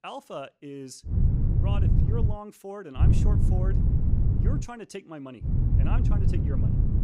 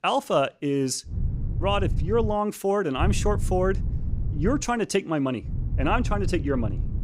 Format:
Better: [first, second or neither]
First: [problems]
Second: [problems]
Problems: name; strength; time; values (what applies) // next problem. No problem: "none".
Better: second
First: wind noise on the microphone; heavy; from 1 to 2.5 s, from 3 to 4.5 s and from 5.5 s on; 2 dB above the speech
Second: wind noise on the microphone; occasional gusts; from 1 to 2.5 s, from 3 to 4.5 s and from 5.5 s on; 15 dB below the speech